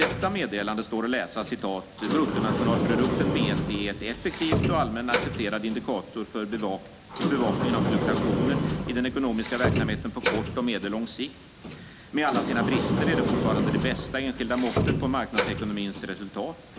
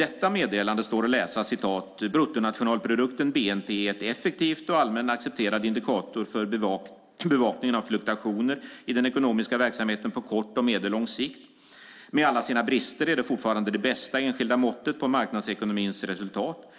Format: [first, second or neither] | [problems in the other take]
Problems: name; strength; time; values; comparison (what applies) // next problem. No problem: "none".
second | background sound (Sliding door); as loud as the speech